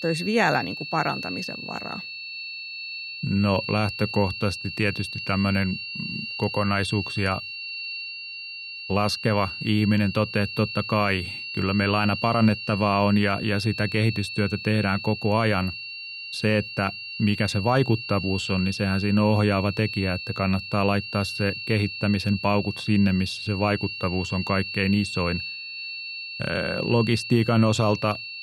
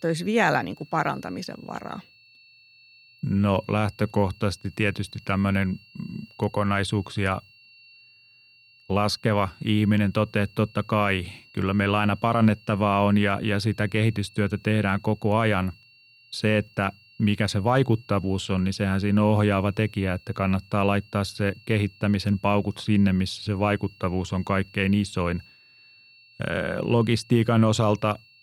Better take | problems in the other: second | high-pitched whine; loud; throughout; 2.5 kHz, 8 dB below the speech; faint in the second

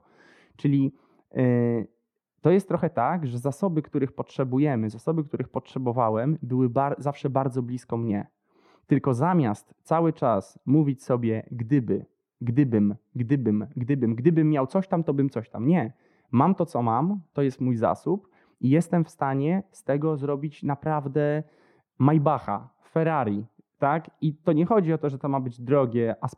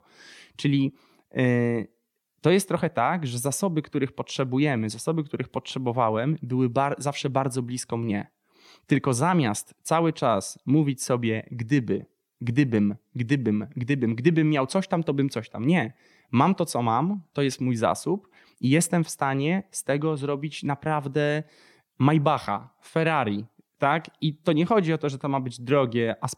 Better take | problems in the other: second | muffled; very; fading above 2 kHz

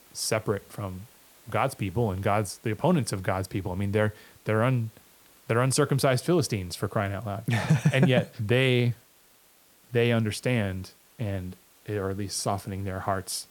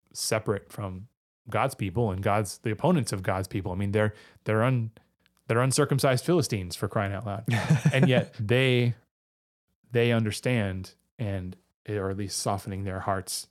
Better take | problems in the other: second | hiss; faint; throughout; 25 dB below the speech

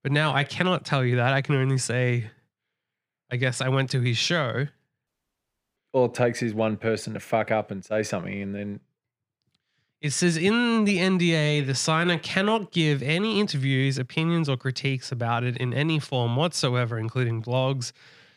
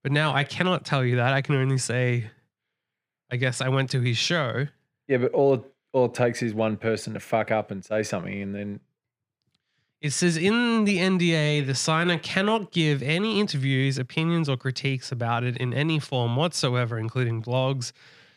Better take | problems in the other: second | audio cutting out; at 5 s for 0.5 s

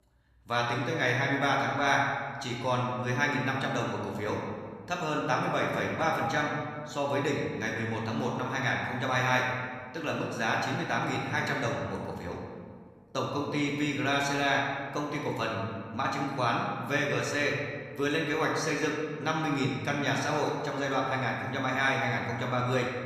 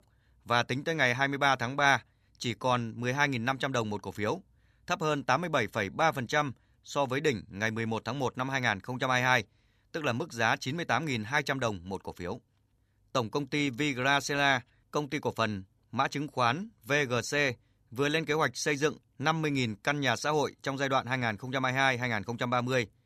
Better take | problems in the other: second | room echo; noticeable; dies away in 1.6 s // off-mic speech; somewhat distant

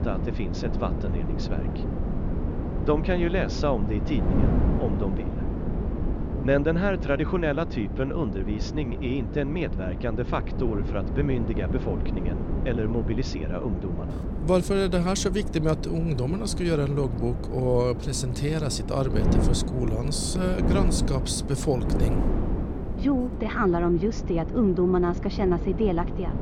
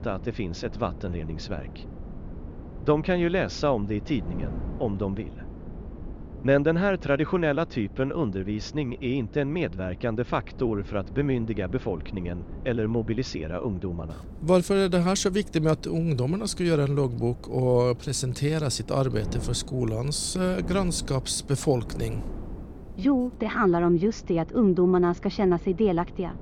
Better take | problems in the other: second | wind noise on the microphone; heavy; 7 dB below the speech; occasional gusts in the second

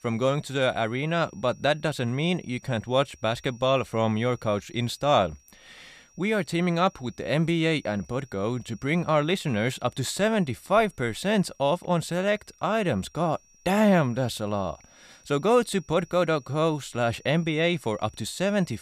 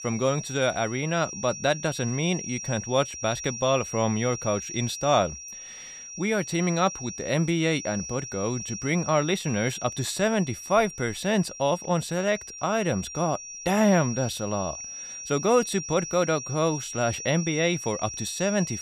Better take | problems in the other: first | high-pitched whine; loud; throughout; 5.5 kHz, 9 dB below the speech; faint in the first

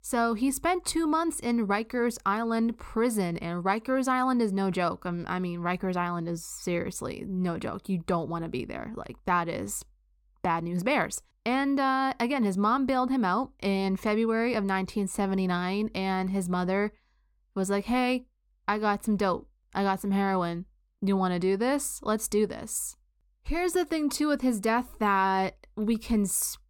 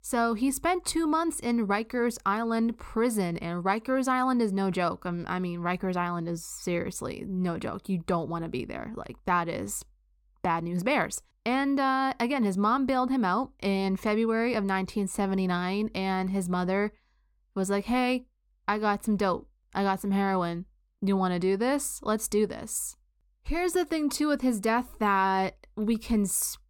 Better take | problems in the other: neither | none

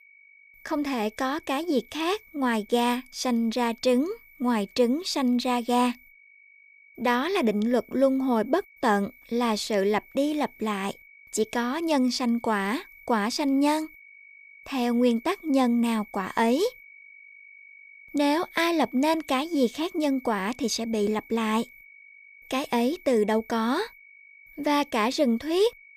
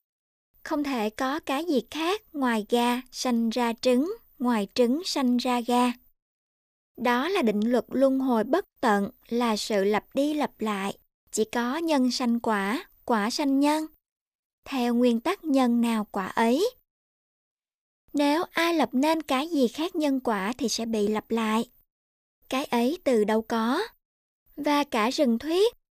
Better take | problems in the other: second | high-pitched whine; faint; throughout; 2 kHz, 25 dB below the speech

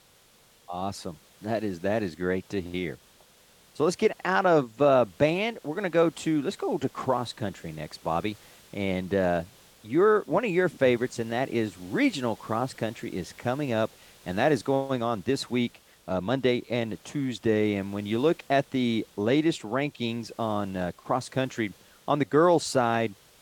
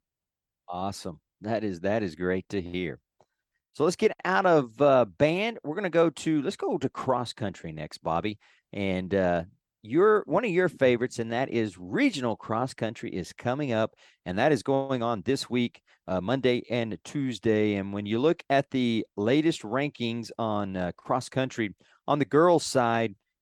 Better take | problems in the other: second | hiss; faint; throughout; 25 dB below the speech

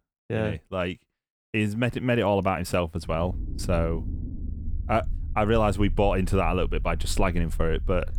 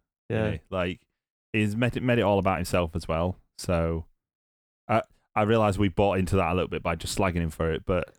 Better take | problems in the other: second | low rumble; faint; from 3 s on; 25 dB below the speech

